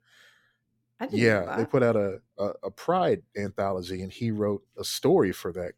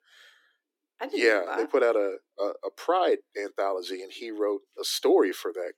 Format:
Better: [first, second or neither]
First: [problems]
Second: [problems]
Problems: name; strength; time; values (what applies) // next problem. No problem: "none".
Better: first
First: none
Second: thin; somewhat; fading below 300 Hz